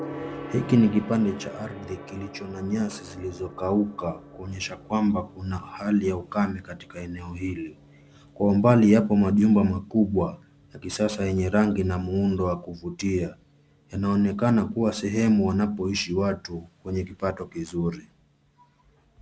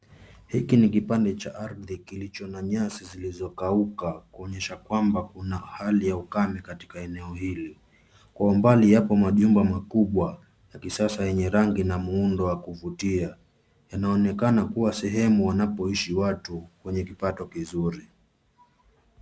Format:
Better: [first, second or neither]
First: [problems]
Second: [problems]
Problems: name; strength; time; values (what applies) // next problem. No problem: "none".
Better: second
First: background sound (Gong); 20 dB below the speech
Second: none